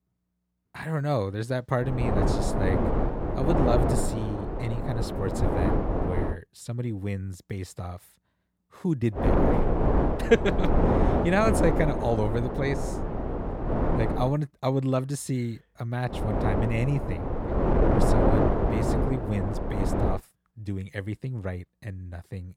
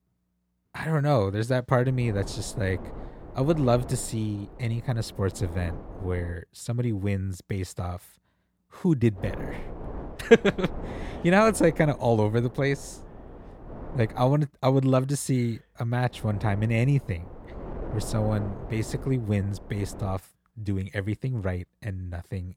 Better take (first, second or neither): second